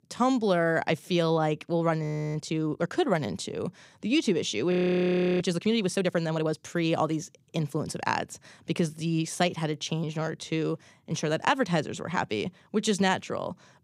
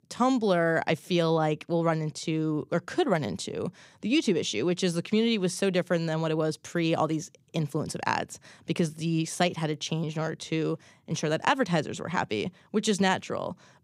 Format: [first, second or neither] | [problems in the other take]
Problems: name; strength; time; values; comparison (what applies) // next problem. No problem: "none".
second | audio freezing; at 2 s and at 4.5 s for 0.5 s